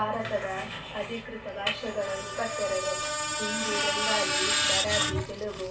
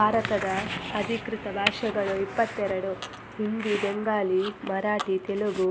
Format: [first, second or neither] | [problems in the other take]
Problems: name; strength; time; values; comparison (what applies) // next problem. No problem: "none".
second | background sound (Screech); 2 dB above the speech // room echo; dies away in 0.2 s